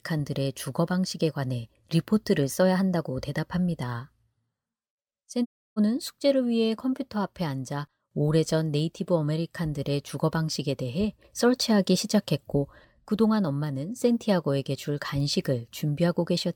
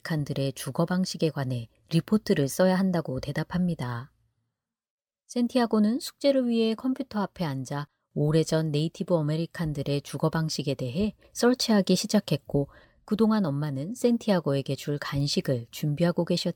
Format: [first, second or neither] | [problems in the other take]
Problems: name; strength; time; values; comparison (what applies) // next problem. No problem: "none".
second | audio cutting out; at 5.5 s